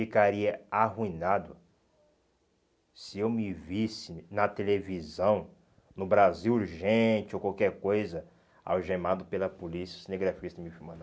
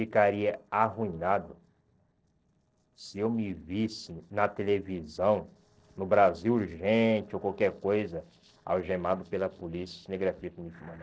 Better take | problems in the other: first | noise reduction (neural separator model SepFormer DNS4)

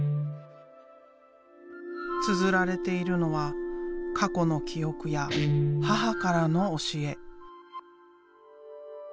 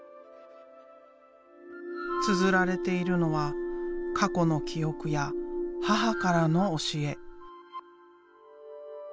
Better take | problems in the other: second | background sound (Guitar); 6 dB below the speech

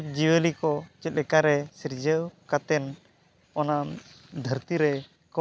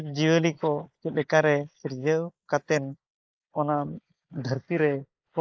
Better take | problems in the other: first | noise reduction (neural mask model Resemble Enhance denoiser)

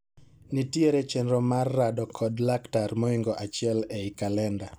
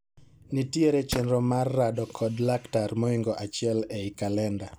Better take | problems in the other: first | background sound (Tools); 15 dB below the speech

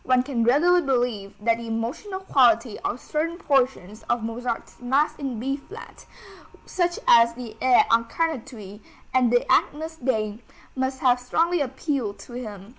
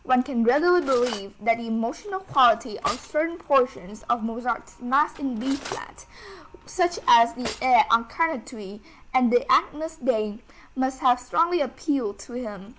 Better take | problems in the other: first | background sound (Cutlery, silverware); 18 dB below the speech

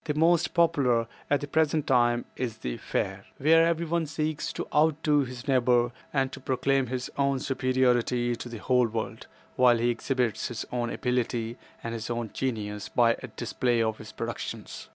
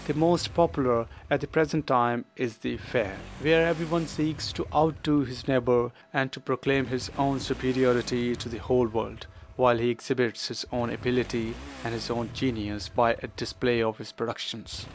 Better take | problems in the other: first | background sound (Motorcycle / Accelerating, revving, vroom); 16 dB below the speech

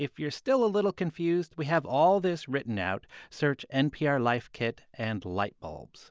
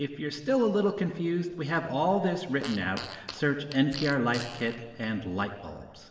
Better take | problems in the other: first | background sound (Fart); 15 dB below the speech // room echo; dies away in 3 s

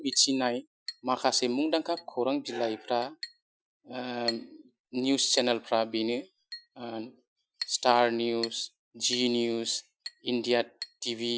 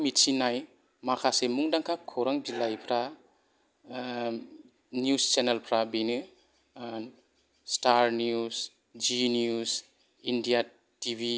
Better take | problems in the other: second | noise reduction (classical method Wiener filter)

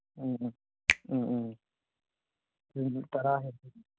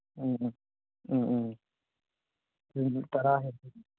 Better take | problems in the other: second | background sound (Finger snapping); 2 dB below the speech

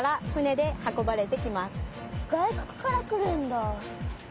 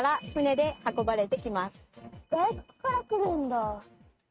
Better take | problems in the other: first | noise reduction (neural mask model RNNoise)

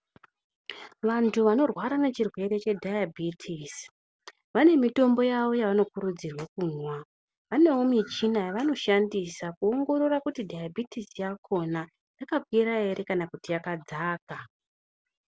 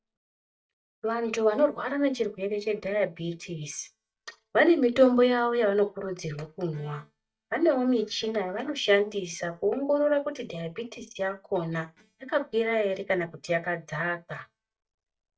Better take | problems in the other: first | noise reduction (neural mask model DeepFilterNet 3)

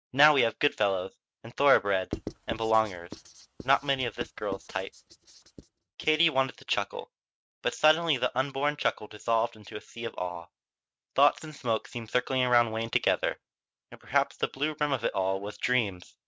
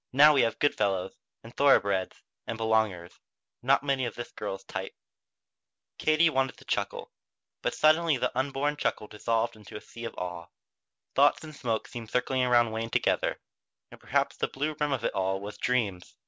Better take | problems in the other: second | noise reduction (neural mask model RNNoise)

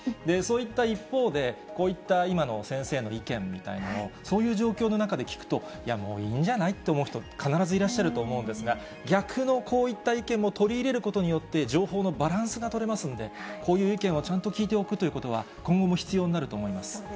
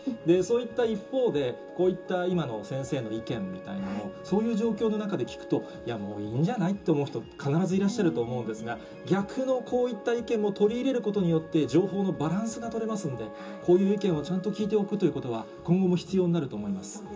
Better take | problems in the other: first | background sound (Wind instrument, woodwind instrument); 18 dB below the speech // room echo; dies away in 0.2 s

